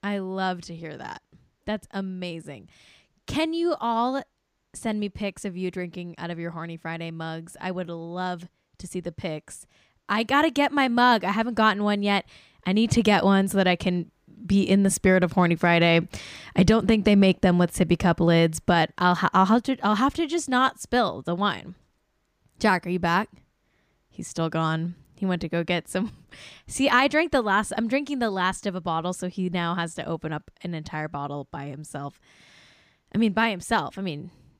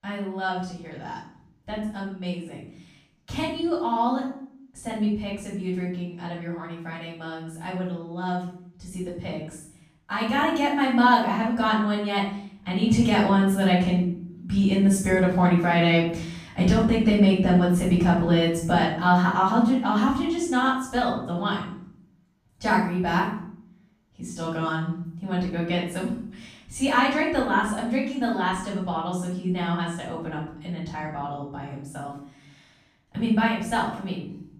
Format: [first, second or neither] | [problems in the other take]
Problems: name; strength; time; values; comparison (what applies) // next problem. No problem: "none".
first | off-mic speech; far // room echo; noticeable; dies away in 0.6 s